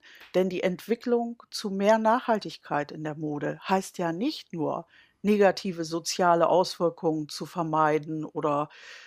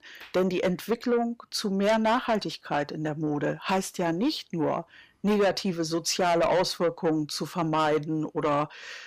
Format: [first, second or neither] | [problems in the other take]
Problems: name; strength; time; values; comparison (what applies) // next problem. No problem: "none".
first | distortion; heavy; 7 dB below the speech